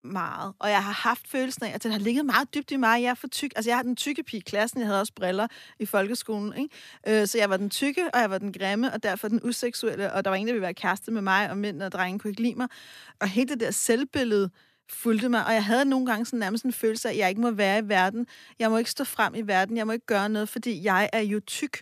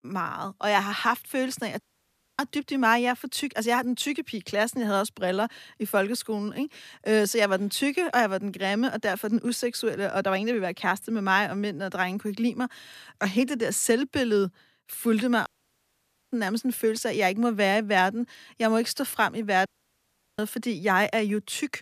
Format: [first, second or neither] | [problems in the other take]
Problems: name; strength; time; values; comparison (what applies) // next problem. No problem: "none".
first | audio cutting out; at 2 s for 0.5 s, at 15 s for 1 s and at 20 s for 0.5 s